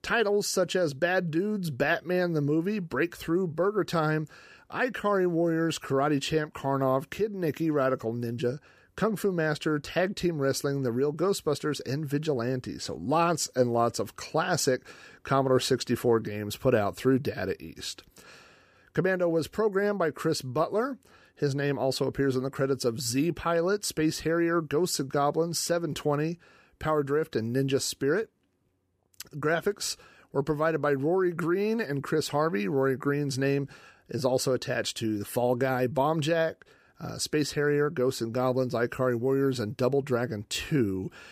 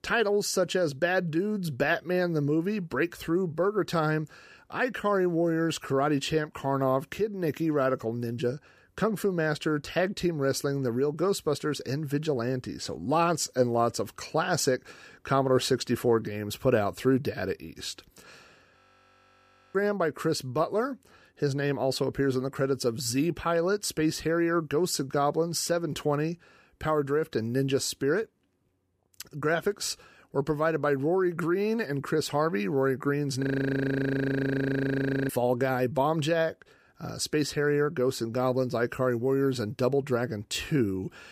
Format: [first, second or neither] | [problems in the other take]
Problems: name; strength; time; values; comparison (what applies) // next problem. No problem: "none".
first | audio freezing; at 19 s for 1 s and at 33 s for 2 s